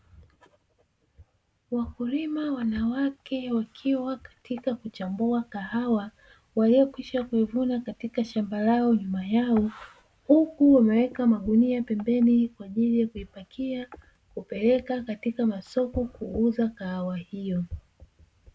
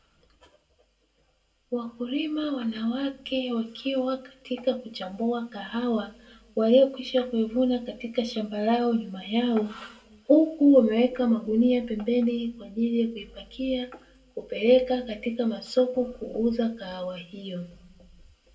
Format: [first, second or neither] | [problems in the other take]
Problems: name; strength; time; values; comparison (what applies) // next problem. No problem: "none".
first | room echo; dies away in 0.2 s